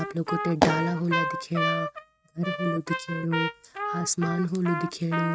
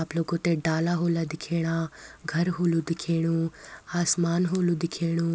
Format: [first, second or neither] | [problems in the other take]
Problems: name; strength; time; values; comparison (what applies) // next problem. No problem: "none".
second | noise reduction (neural mask model RNNoise)